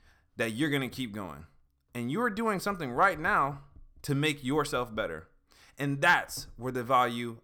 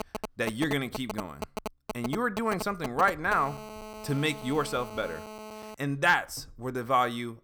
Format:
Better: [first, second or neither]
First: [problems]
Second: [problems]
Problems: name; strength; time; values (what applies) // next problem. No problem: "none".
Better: first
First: none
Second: phone ringing; noticeable; until 6 s; peak 10 dB below the speech